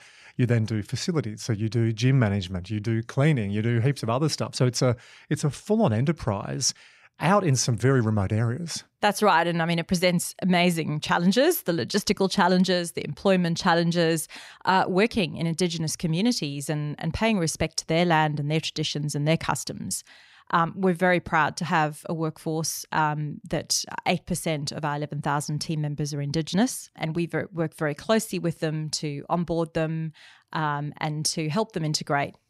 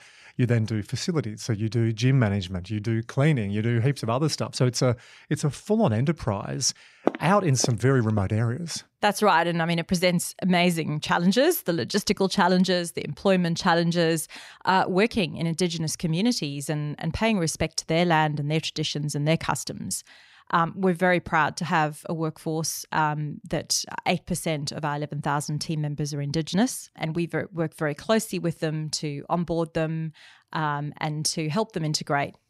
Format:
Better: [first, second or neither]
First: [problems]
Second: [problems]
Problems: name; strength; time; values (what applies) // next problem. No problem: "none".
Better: first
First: none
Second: footsteps; noticeable; from 7 to 8 s; peak 4 dB below the speech